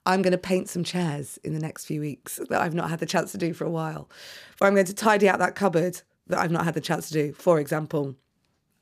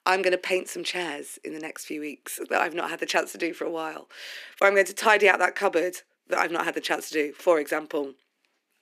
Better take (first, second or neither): first